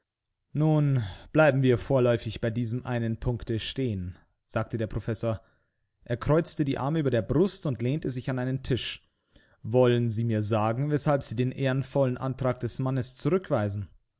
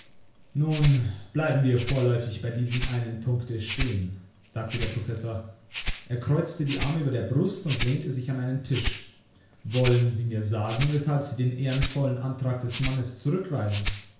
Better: first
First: none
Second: background sound (Rattle (instrument)); 9 dB below the speech // room echo; dies away in 0.5 s

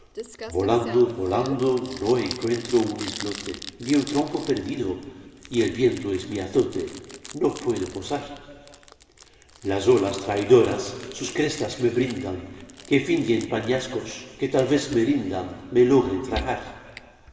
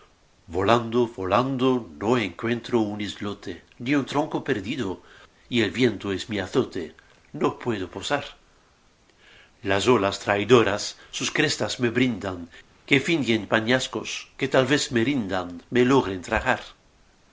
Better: second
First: background sound (Crumpling, crinkling); 18 dB below the speech // room echo; dies away in 1.8 s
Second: none

